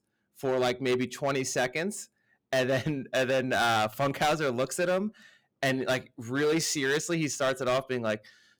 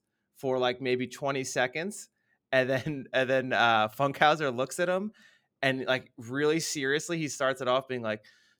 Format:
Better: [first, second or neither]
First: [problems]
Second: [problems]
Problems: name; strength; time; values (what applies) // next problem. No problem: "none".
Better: second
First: distortion; heavy; 10% of the sound clipped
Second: none